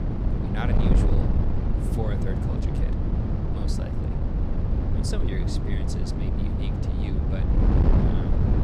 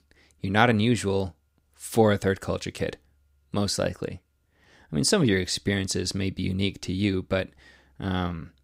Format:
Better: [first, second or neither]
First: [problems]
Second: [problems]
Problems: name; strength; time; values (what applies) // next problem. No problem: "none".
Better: second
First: wind noise on the microphone; heavy; 4 dB above the speech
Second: none